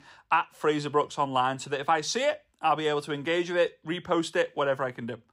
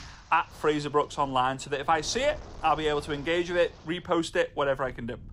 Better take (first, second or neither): first